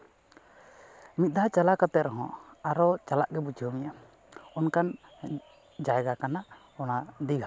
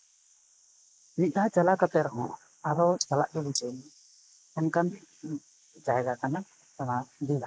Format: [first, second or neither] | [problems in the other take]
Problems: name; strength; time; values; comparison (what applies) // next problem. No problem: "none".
first | noise reduction (neural mask model Resemble Enhance denoiser)